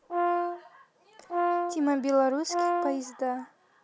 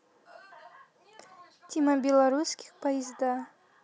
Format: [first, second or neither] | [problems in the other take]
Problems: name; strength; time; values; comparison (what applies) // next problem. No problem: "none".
second | background sound (Brass instrument); as loud as the speech